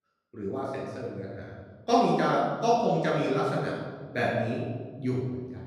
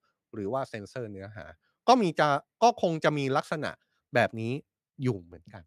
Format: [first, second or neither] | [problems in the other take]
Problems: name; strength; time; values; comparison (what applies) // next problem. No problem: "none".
second | room echo; noticeable; dies away in 1.4 s // off-mic speech; far